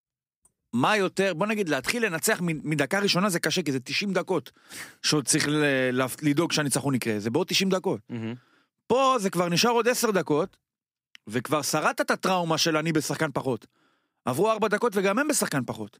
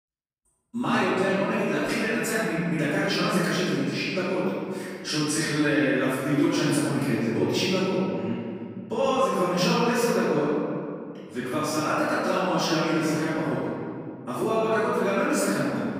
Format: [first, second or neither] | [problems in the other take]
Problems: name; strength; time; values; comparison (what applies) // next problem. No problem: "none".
first | room echo; strong; dies away in 2.2 s // off-mic speech; far